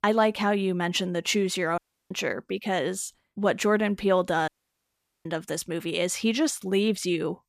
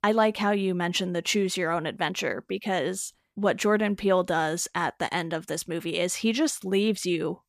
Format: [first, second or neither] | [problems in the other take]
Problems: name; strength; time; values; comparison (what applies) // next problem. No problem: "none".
second | audio cutting out; at 2 s and at 4.5 s for 1 s